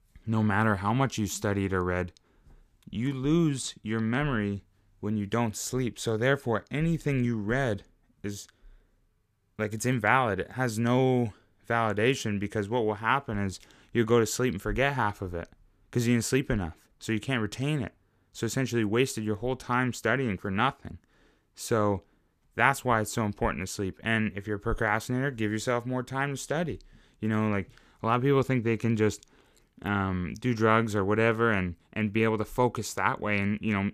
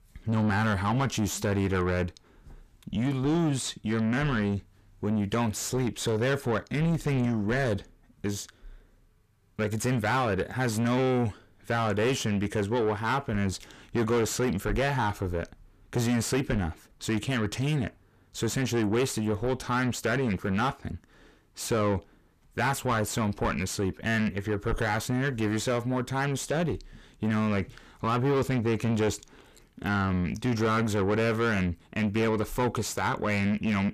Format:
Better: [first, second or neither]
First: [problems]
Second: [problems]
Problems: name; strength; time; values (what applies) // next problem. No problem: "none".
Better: first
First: none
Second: distortion; heavy; 7 dB below the speech